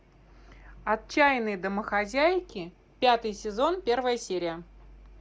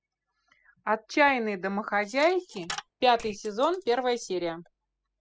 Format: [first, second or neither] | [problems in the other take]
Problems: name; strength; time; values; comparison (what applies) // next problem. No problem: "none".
first | noise reduction (classical method spectral subtraction)